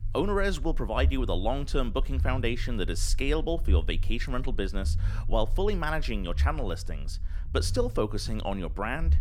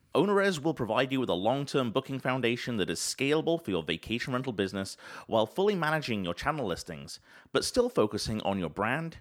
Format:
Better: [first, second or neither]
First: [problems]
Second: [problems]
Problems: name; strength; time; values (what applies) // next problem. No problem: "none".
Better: second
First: low rumble; noticeable; throughout; 20 dB below the speech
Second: none